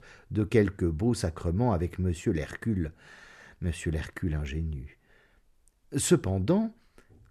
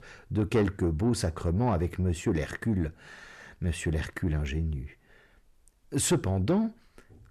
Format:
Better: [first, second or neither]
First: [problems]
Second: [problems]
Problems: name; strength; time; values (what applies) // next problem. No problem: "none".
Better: first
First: none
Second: distortion; slight; 10 dB below the speech